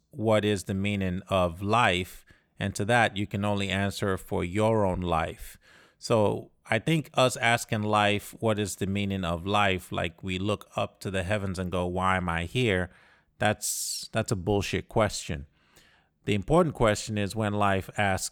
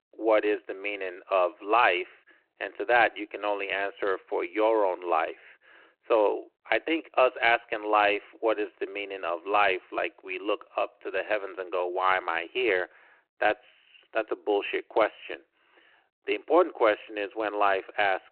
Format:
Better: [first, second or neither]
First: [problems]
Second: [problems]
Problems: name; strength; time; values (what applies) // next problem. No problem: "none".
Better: first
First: none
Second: phone-call audio; nothing above 4 kHz